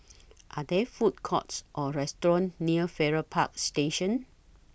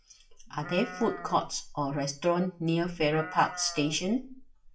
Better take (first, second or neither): first